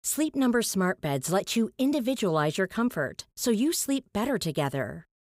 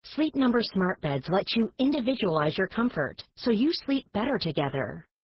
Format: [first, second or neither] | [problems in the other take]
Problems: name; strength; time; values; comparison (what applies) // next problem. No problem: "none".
first | garbled, watery; badly; nothing above 5.5 kHz